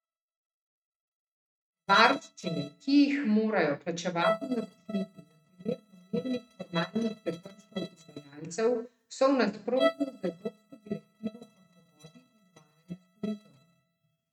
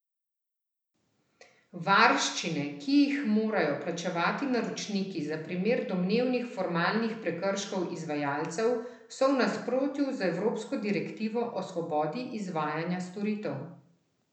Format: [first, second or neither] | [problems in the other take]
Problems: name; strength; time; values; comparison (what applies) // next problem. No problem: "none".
second | noise reduction (neural mask model RNNoise)